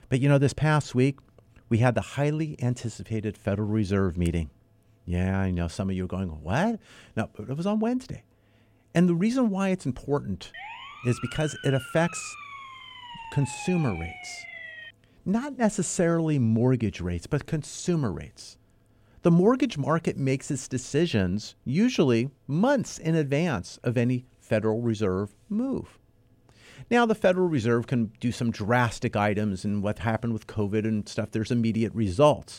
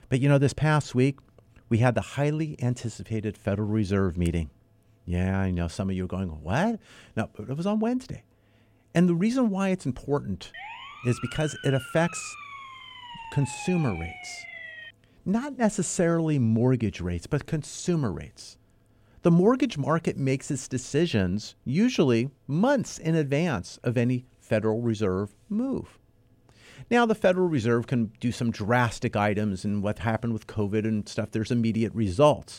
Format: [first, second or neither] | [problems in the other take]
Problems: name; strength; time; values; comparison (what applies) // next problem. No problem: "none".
neither | siren; faint; from 11 to 15 s; peak 10 dB below the speech; the same in both